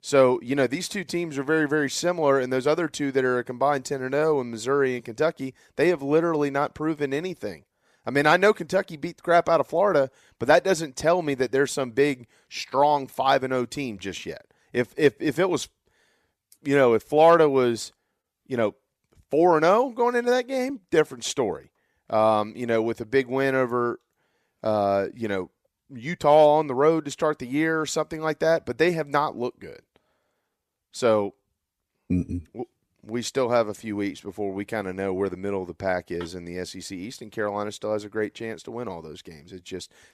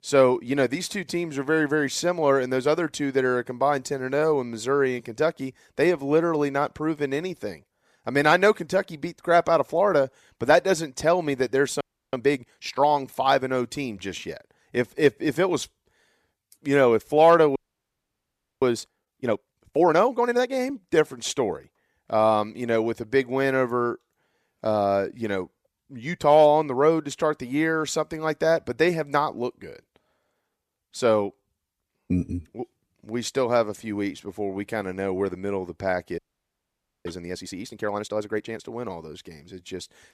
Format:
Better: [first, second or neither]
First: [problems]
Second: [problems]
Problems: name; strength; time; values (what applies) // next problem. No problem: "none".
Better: first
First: none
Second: audio freezing; at 12 s, at 18 s for 1 s and at 36 s for 1 s